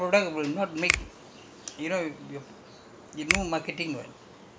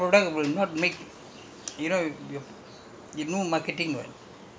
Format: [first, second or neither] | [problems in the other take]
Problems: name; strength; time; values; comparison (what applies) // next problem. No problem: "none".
second | background sound (Finger snapping); 3 dB below the speech